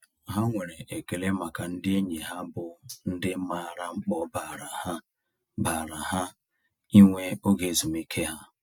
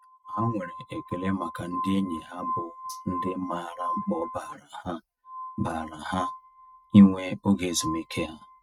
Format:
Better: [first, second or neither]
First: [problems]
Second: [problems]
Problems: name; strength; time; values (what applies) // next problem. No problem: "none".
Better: first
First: none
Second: noise reduction (neural mask model RNNoise)